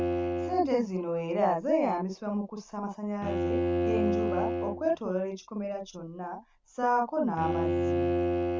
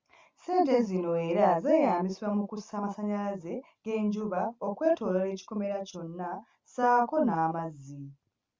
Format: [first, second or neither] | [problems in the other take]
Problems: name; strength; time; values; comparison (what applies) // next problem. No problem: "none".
second | background sound (Bowed string instrument); 1 dB below the speech